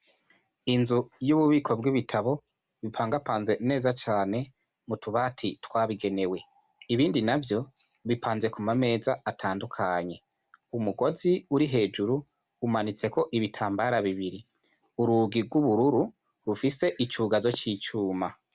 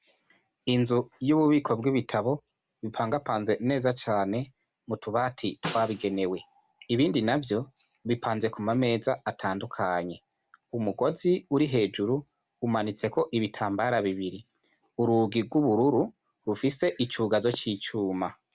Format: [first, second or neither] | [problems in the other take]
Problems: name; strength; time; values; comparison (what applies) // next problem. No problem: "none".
first | background sound (Snare drum); 13 dB below the speech